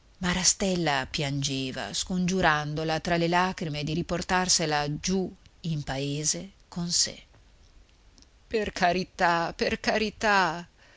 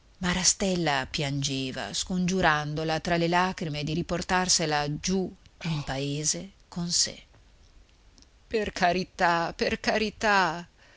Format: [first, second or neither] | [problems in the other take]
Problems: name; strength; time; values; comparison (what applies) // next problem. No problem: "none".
first | background sound (Breathing); 15 dB below the speech